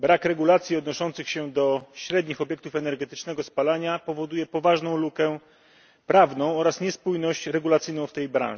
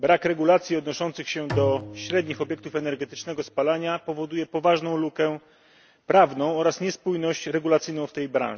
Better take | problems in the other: first | background sound (Bowed string instrument); 13 dB below the speech

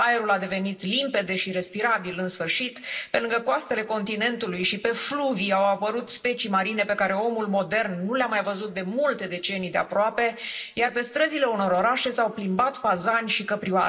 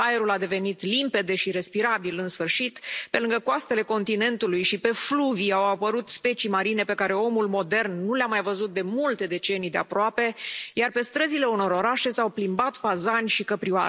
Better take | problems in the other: second | room echo; dies away in 0.7 s

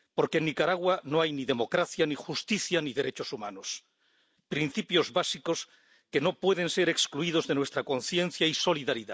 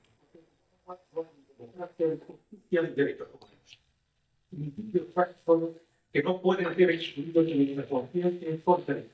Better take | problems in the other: first | noise reduction (neural mask model DeepFilterNet 3)

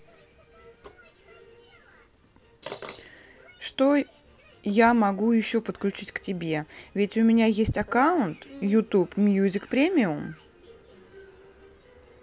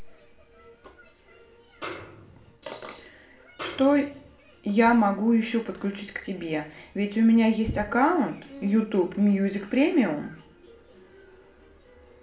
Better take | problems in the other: first | background sound (Snare drum); 14 dB below the speech // room echo; dies away in 0.5 s

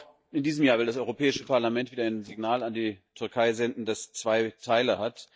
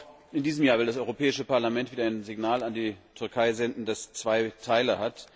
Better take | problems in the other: second | noise reduction (neural mask model DeepFilterNet 3)

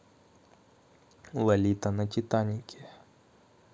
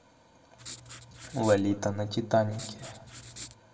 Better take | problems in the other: first | background sound (Writing); 15 dB below the speech // room echo; dies away in 1.6 s

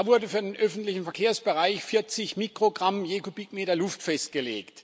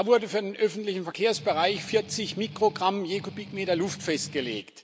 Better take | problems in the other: first | background sound (Strum); 15 dB below the speech

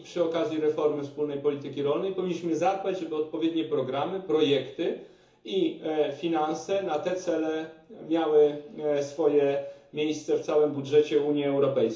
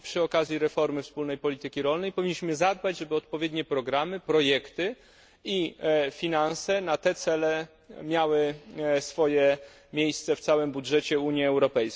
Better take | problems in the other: second | room echo; dies away in 0.7 s

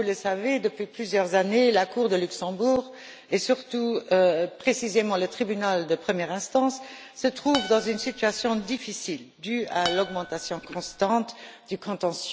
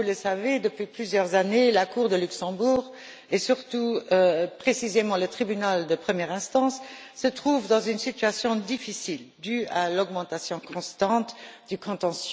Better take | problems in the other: second | background sound (Acoustic guitar); 11 dB below the speech

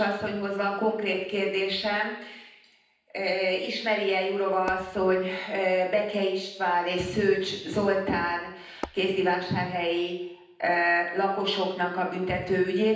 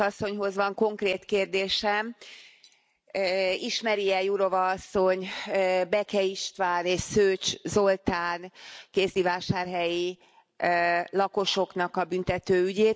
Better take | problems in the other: second | background sound (Tap / Hammer); 12 dB below the speech // room echo; dies away in 0.9 s

